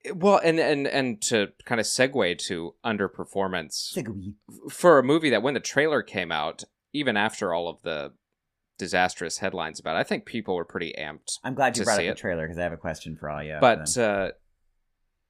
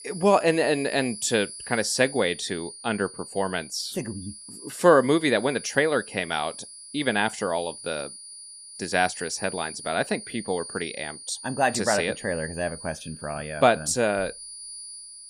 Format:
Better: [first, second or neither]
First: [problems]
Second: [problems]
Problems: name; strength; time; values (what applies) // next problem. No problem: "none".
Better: first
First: none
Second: high-pitched whine; noticeable; throughout; 9.5 kHz, 15 dB below the speech